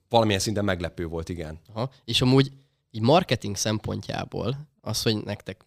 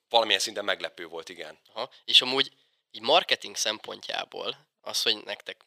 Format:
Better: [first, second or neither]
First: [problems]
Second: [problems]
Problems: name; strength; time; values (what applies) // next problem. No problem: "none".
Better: first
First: none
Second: thin; very; fading below 600 Hz